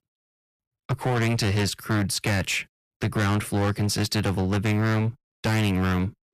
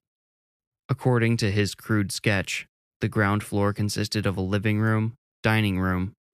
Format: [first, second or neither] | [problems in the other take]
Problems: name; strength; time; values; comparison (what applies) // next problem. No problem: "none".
second | distortion; heavy; 23% of the sound clipped